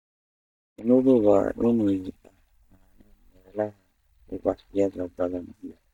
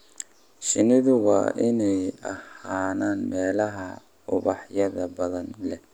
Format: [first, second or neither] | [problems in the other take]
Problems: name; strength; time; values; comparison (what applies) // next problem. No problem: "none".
second | noise reduction (neural mask model DeepFilterNet 3)